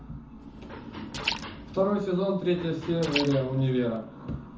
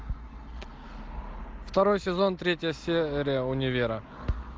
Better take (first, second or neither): second